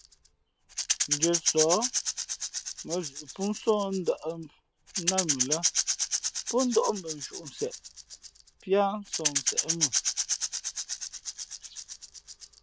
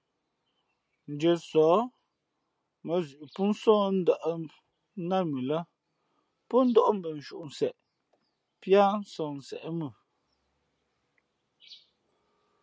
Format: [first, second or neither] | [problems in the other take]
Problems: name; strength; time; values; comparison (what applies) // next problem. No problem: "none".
second | background sound (Rattle / Rattle (instrument)); as loud as the speech